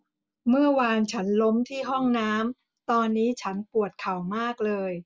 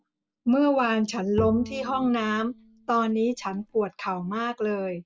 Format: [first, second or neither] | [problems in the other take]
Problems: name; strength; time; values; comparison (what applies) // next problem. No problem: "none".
first | background sound (Bowed string instrument); 12 dB below the speech